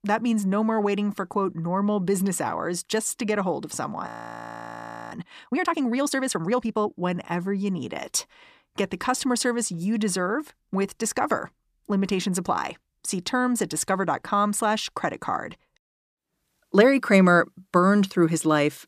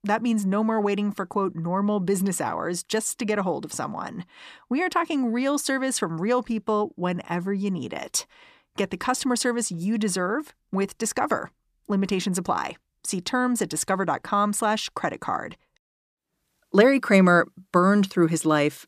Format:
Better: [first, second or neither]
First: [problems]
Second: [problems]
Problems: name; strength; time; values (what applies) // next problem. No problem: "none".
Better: second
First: audio freezing; at 4 s for 1 s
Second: none